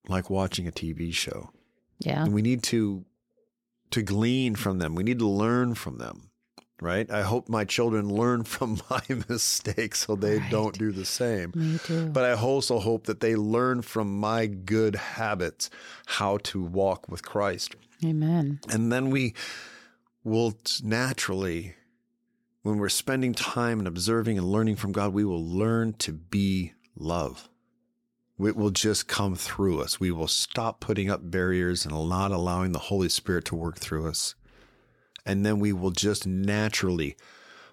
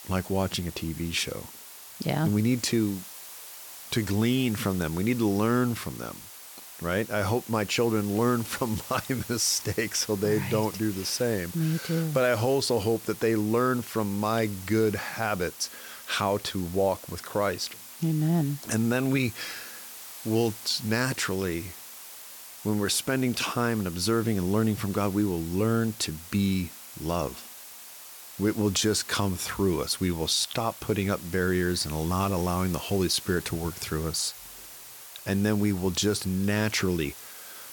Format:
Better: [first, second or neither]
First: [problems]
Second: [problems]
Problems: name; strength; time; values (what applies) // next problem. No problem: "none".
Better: first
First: none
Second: hiss; noticeable; throughout; 15 dB below the speech